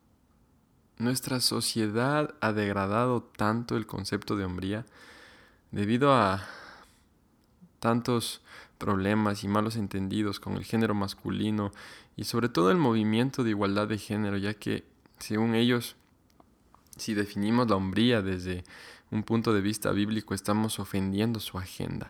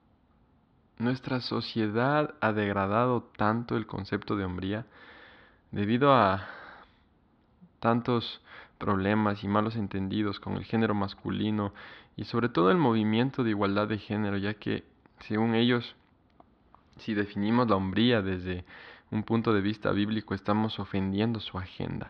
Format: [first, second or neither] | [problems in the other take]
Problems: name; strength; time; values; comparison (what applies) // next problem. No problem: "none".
first | muffled; slightly; fading above 4 kHz